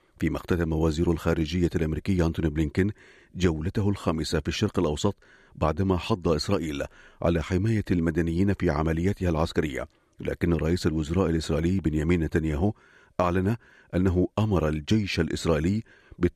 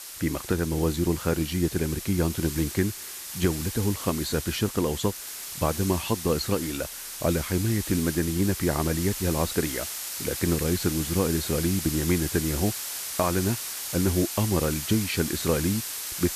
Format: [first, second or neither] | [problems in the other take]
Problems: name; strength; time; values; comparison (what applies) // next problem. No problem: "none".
first | hiss; loud; throughout; 5 dB below the speech